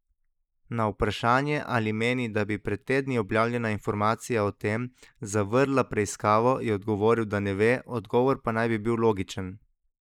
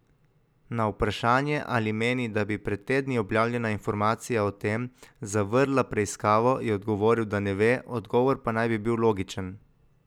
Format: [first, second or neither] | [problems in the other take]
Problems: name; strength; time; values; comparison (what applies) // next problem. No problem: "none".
second | noise reduction (neural mask model Resemble Enhance denoiser)